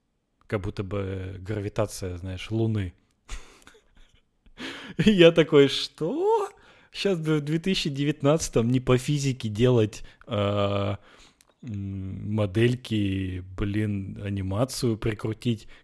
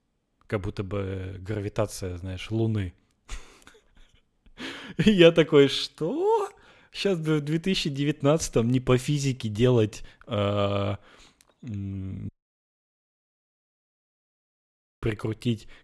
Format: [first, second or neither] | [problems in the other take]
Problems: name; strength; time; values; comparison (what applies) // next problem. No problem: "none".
first | audio cutting out; at 12 s for 2.5 s